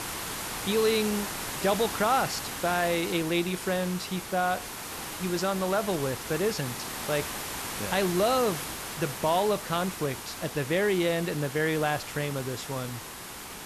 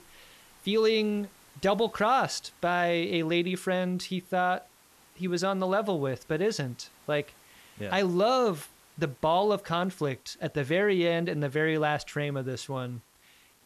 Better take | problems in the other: second | hiss; loud; throughout; 6 dB below the speech; faint in the second

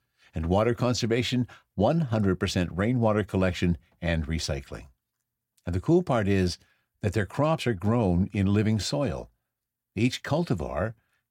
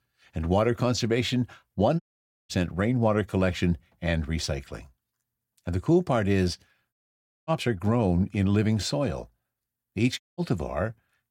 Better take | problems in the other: first | audio cutting out; at 2 s, at 7 s for 0.5 s and at 10 s

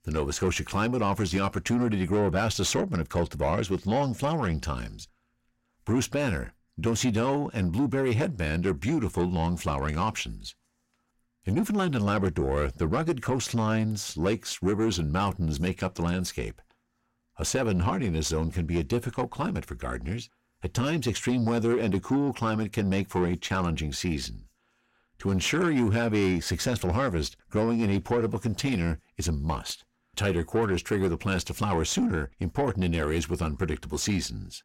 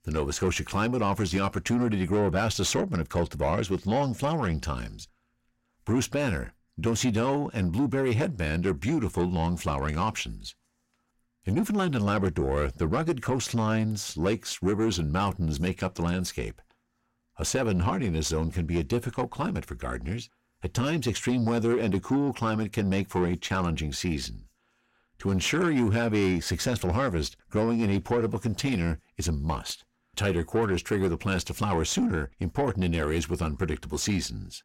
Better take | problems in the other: neither | distortion; slight; 10 dB below the speech; the same in both

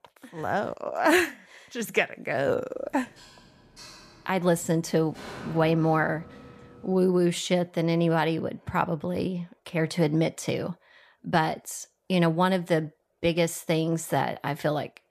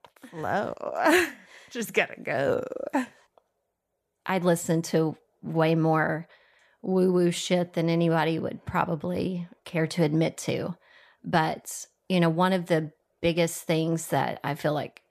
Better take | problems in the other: second | clattering dishes; faint; from 3 to 7 s; peak 15 dB below the speech

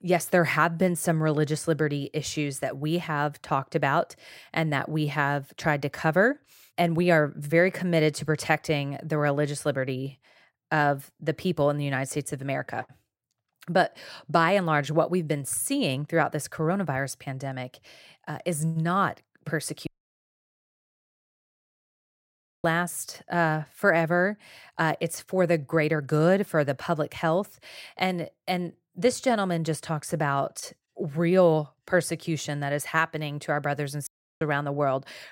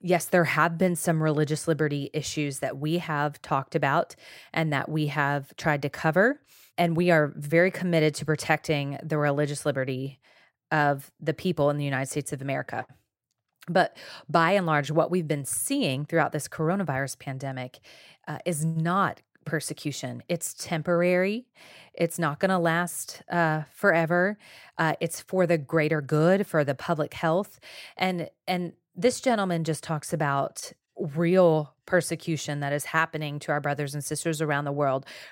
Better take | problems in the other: second | audio cutting out; at 20 s for 3 s and at 34 s

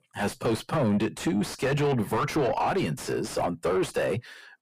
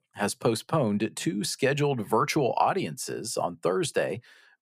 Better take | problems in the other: second | distortion; heavy; 5 dB below the speech

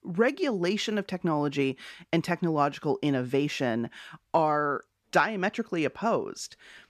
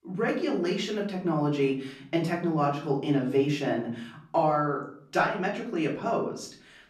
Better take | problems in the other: first | off-mic speech; far // room echo; slight; dies away in 0.5 s

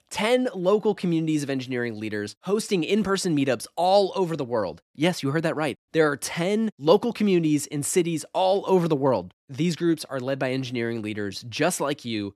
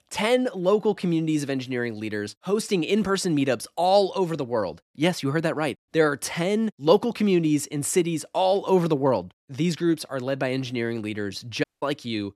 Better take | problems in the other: first | audio cutting out; at 12 s

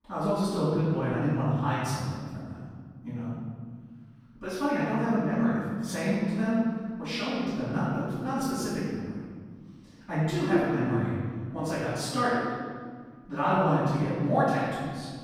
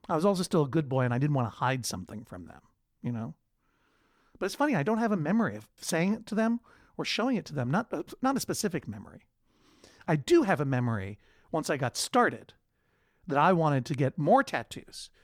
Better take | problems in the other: second | room echo; strong; dies away in 1.9 s // off-mic speech; far

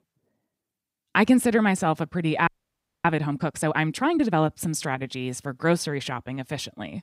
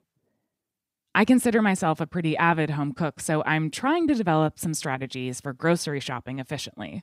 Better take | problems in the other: second | audio freezing; at 2.5 s for 0.5 s

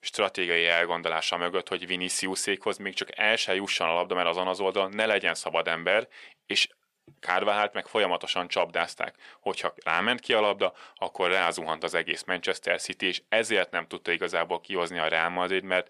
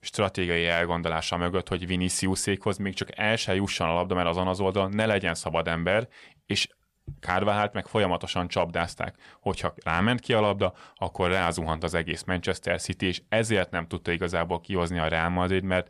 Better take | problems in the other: second | thin; somewhat; fading below 400 Hz

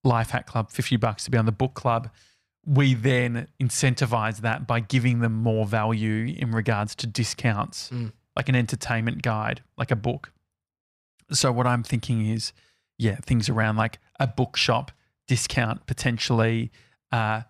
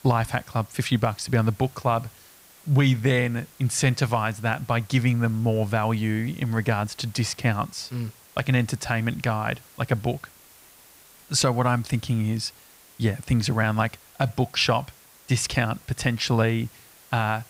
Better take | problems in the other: first | hiss; faint; throughout; 25 dB below the speech

